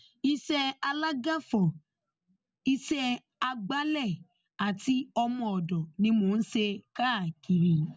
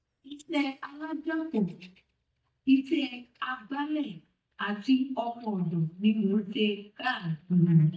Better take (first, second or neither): first